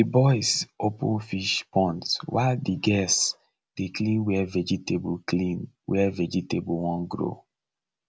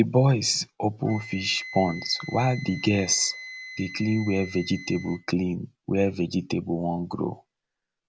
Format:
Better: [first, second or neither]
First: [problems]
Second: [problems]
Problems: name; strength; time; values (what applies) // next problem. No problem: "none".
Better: first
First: none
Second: background sound (Wind instrument, woodwind instrument); 17 dB below the speech